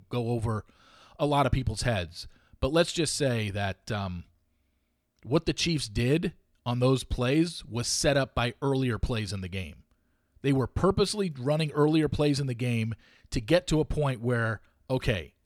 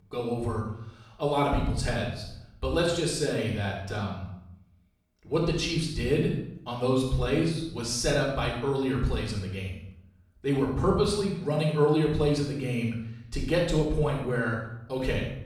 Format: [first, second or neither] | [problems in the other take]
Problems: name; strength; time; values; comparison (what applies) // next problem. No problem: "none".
first | off-mic speech; far // room echo; noticeable; dies away in 0.7 s